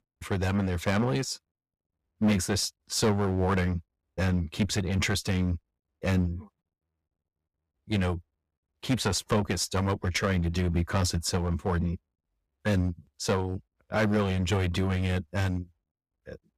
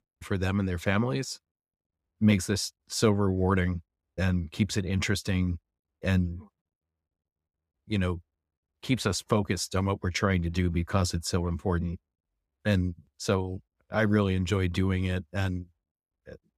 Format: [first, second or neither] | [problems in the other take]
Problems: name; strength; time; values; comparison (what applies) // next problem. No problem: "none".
second | distortion; heavy; 7% of the sound clipped